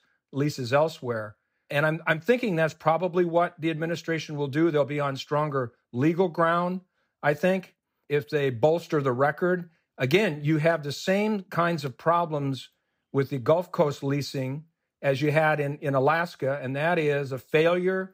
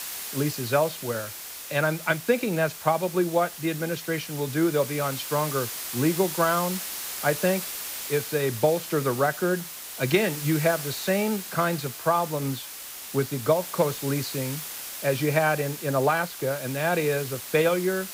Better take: first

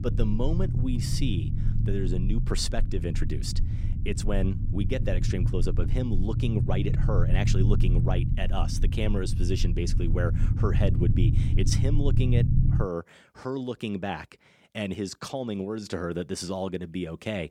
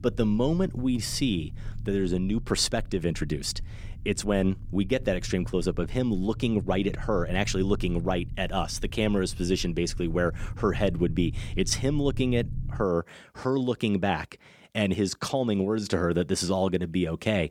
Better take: second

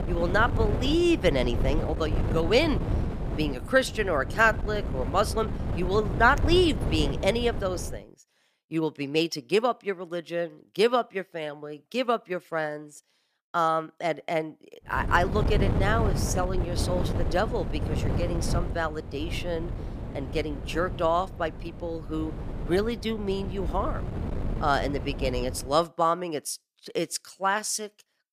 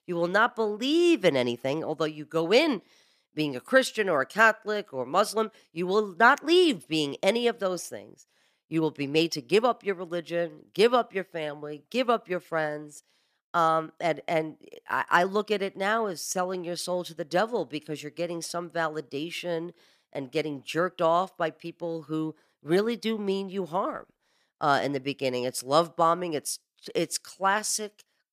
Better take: second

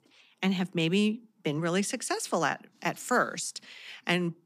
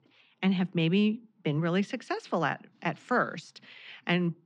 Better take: first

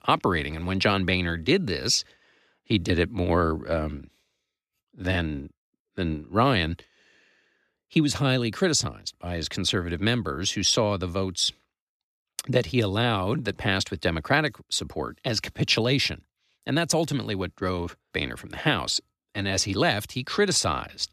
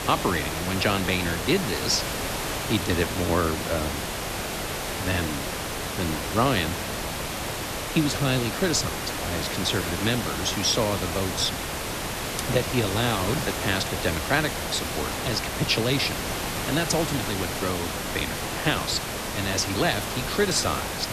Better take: first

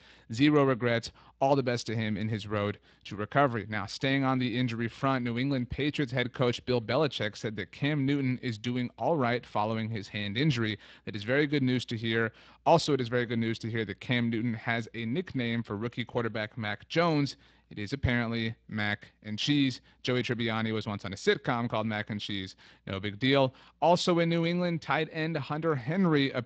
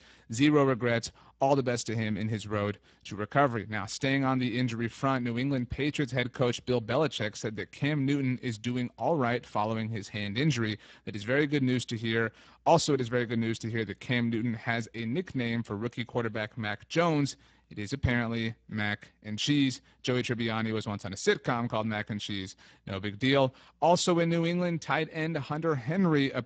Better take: first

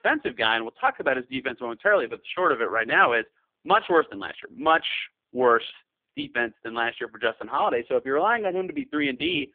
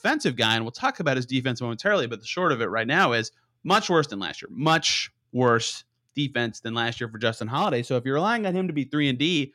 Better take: second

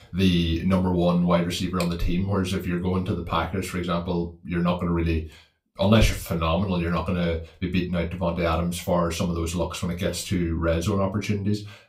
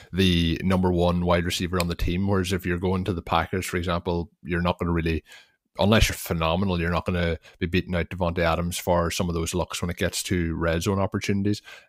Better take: second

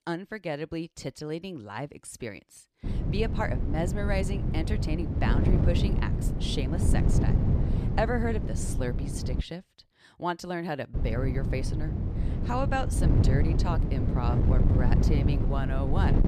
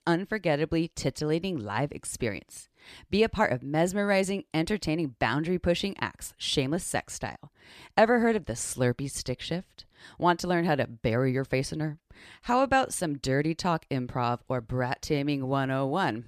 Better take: second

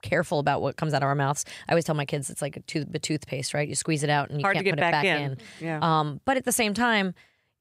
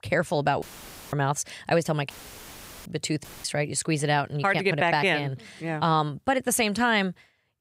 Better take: first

